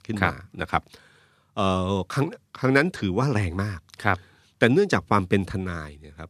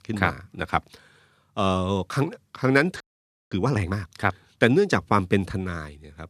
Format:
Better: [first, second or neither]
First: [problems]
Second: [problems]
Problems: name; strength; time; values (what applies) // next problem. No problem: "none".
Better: first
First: none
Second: audio freezing; at 3 s for 0.5 s